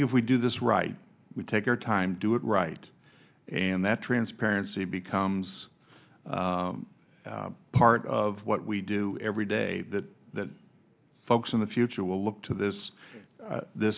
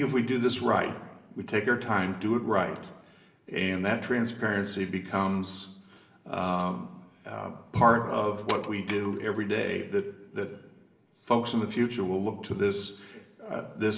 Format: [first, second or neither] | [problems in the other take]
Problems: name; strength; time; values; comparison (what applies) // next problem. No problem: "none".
first | background sound (Wood); 14 dB below the speech // room echo; dies away in 0.8 s